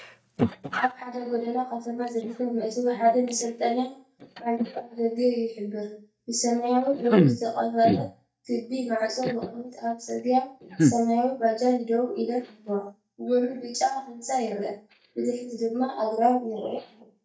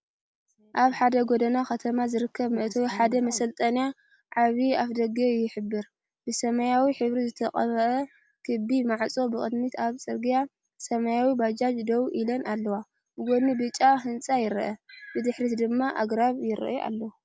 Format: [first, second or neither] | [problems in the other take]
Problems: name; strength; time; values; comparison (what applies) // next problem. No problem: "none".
second | noise reduction (neural mask model DeepFilterNet 3)